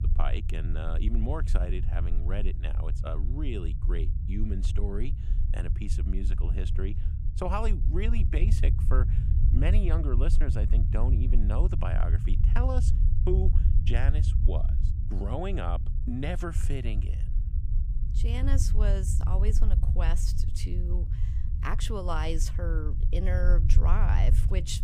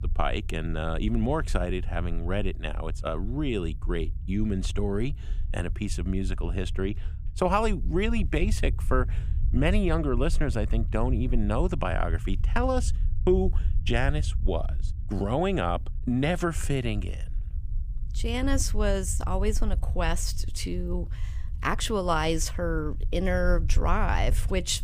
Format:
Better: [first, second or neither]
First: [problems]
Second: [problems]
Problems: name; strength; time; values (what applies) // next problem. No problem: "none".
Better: second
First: low rumble; loud; throughout; 8 dB below the speech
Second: low rumble; faint; throughout; 20 dB below the speech